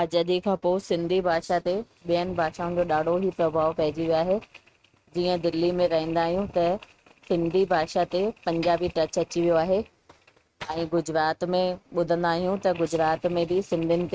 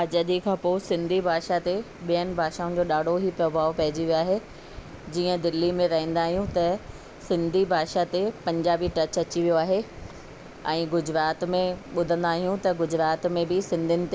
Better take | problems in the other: second | noise reduction (neural mask model RNNoise)

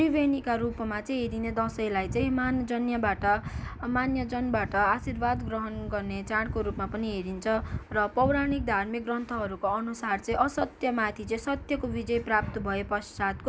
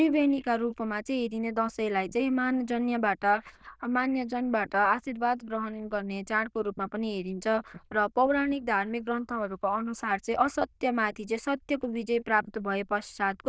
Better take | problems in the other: first | noise reduction (neural diffusion model UNIVERSE++)

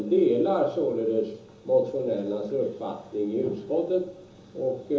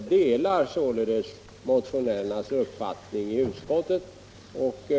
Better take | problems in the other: second | room echo; dies away in 1.2 s

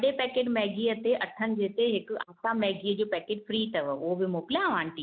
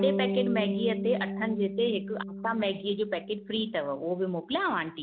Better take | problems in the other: first | background sound (Bass guitar); 5 dB below the speech

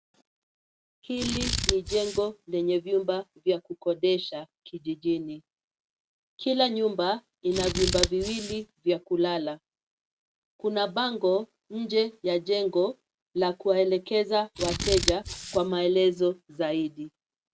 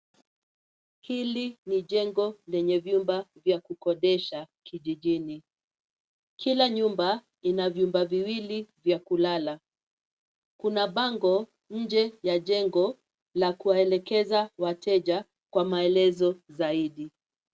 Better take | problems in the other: second | background sound (Scissors); 3 dB below the speech

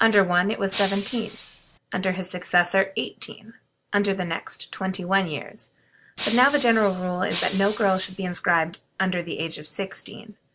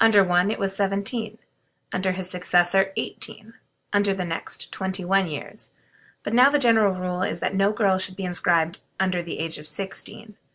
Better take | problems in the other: second | background sound (Shatter); 11 dB below the speech

